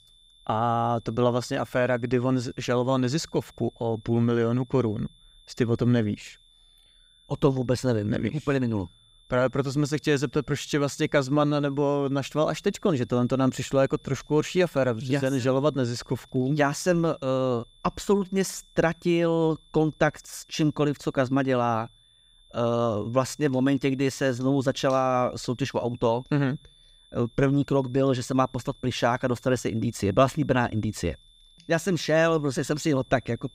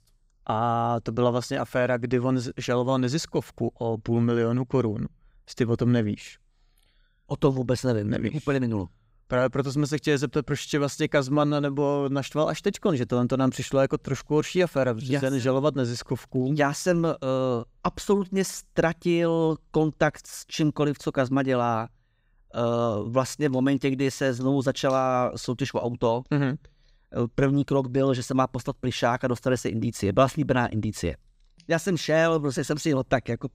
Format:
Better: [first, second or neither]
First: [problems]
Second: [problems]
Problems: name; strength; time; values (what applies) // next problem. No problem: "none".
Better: second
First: high-pitched whine; faint; throughout; 3.5 kHz, 30 dB below the speech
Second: none